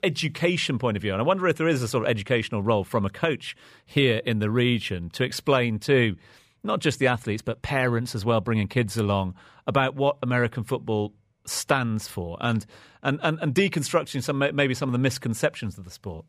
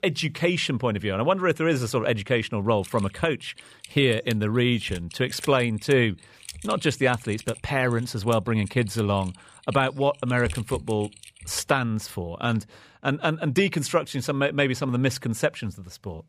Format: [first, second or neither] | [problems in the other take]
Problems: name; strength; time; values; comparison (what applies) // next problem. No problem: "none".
first | keyboard typing; noticeable; from 3 to 12 s; peak 10 dB below the speech